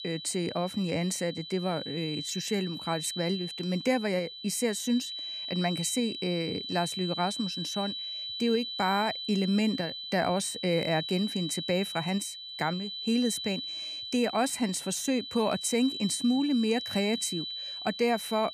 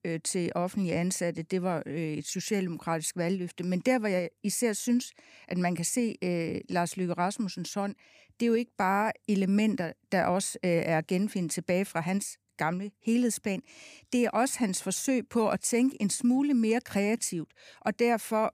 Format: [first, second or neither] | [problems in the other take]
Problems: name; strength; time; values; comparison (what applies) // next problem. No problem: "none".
second | high-pitched whine; loud; throughout; 4 kHz, 6 dB below the speech